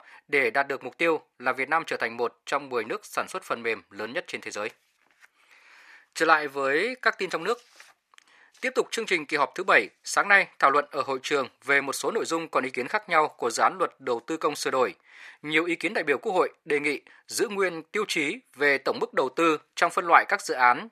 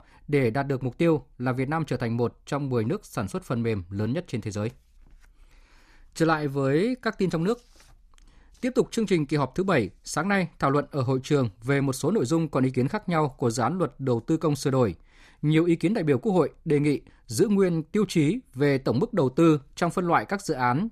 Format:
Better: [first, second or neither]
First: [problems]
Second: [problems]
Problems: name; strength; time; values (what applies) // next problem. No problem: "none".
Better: second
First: thin; very; fading below 600 Hz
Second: none